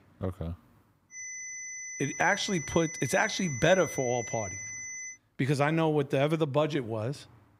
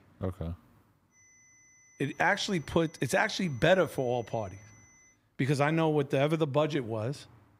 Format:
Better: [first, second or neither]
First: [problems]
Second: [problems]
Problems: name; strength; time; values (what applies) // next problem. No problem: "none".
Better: second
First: high-pitched whine; loud; from 1 to 5 s; 6 kHz, 9 dB below the speech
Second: high-pitched whine; faint; from 1 to 5 s; 6 kHz, 30 dB below the speech